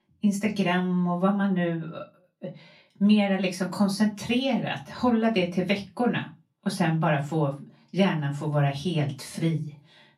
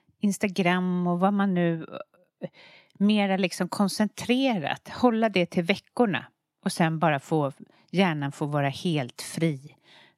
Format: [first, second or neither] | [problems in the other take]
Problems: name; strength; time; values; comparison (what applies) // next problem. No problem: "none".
second | off-mic speech; far // room echo; very slight; dies away in 0.2 s